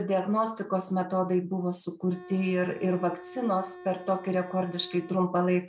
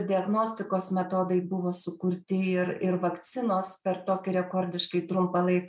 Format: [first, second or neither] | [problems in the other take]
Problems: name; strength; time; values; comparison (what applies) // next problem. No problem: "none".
second | background sound (Organ); 16 dB below the speech